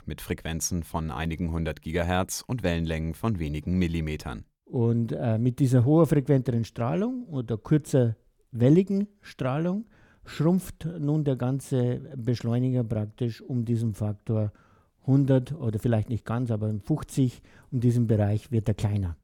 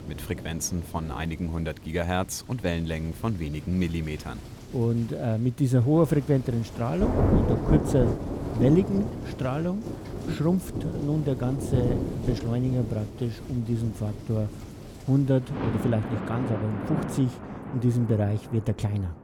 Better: first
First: none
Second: rain or running water; loud; throughout; 5 dB below the speech

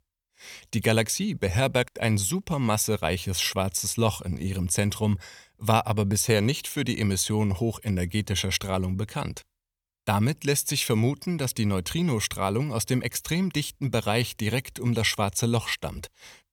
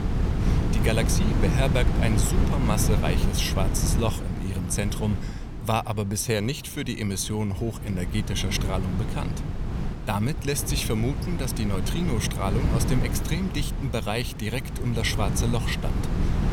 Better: first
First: none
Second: wind noise on the microphone; heavy; 6 dB below the speech

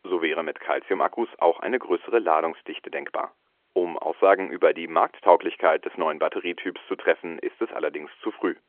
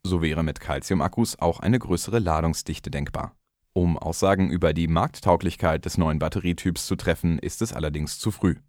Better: second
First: phone-call audio; nothing above 3 kHz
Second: none

